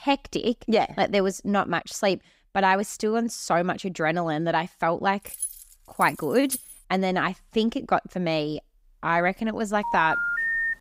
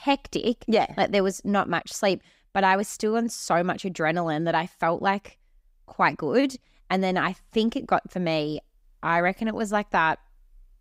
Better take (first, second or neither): second